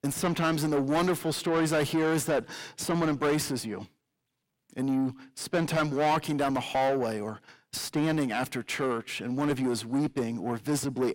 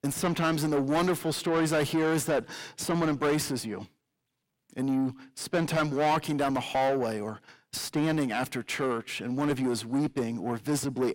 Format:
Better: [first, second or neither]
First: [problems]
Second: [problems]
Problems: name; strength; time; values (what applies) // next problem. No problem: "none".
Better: neither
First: distortion; heavy; 6 dB below the speech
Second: distortion; heavy; 6 dB below the speech